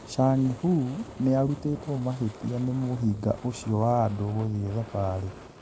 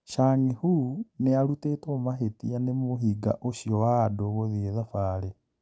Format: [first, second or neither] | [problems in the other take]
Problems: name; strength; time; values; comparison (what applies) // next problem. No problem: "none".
second | background sound (Fire); 17 dB below the speech